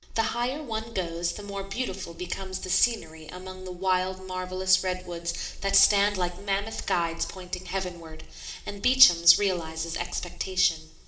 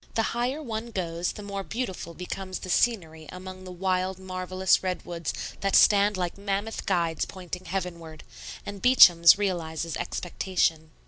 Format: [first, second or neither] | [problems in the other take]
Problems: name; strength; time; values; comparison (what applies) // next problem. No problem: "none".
second | room echo; dies away in 1.2 s